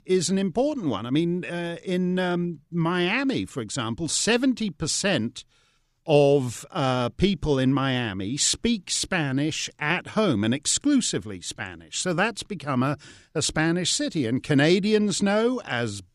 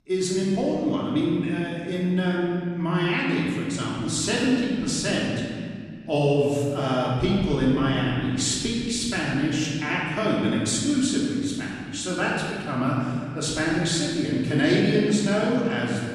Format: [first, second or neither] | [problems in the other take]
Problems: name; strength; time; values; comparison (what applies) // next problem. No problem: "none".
first | off-mic speech; far // room echo; strong; dies away in 2.2 s